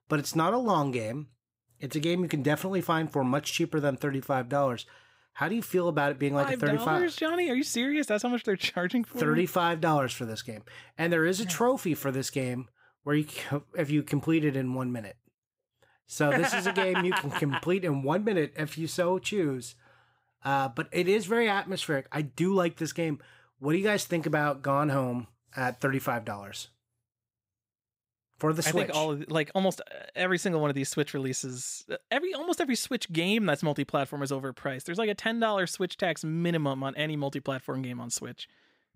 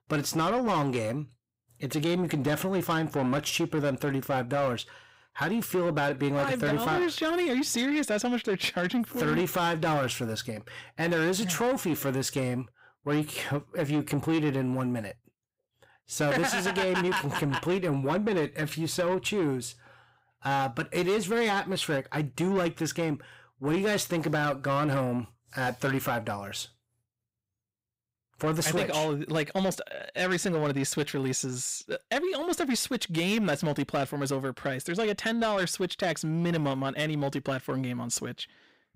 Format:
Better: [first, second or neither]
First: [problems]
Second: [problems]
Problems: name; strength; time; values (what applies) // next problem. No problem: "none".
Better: first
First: none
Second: distortion; slight; 10 dB below the speech